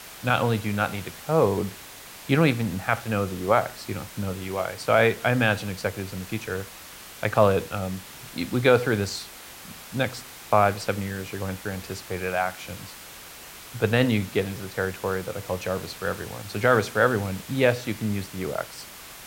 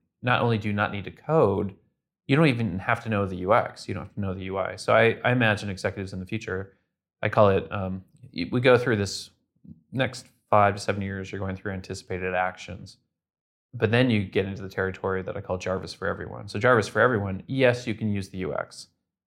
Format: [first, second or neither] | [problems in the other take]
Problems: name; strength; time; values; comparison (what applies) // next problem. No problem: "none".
second | hiss; noticeable; throughout; 15 dB below the speech